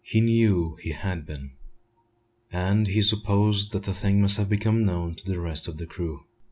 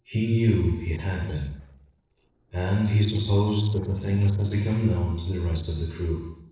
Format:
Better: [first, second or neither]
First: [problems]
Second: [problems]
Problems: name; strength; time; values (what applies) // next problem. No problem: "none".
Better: first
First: none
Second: noise reduction (neural separator model SepFormer DNS4)